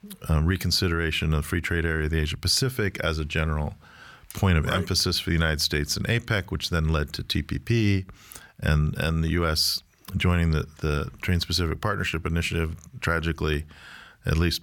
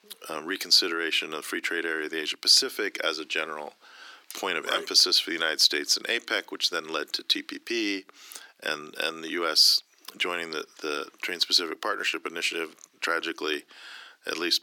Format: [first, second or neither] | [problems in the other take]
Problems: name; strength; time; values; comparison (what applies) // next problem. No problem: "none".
first | thin; very; fading below 300 Hz